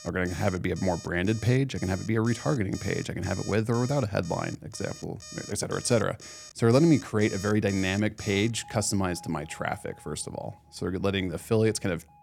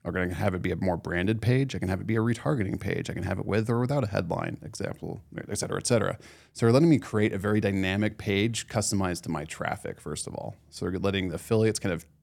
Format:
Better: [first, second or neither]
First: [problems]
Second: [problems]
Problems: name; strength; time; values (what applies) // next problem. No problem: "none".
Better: second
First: alarms or sirens; noticeable; throughout; 15 dB below the speech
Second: none